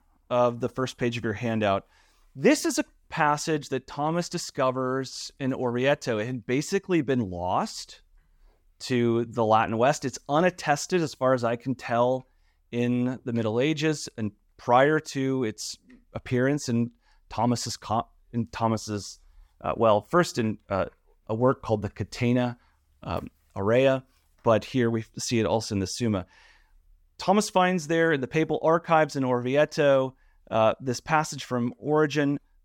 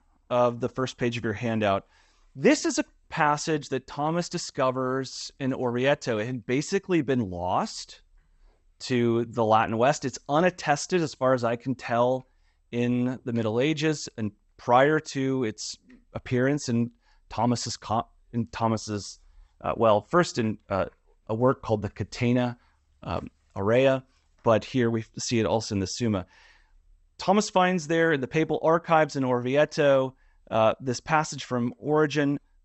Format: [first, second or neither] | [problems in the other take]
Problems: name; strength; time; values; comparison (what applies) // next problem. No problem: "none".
first | garbled, watery; slightly; nothing above 8 kHz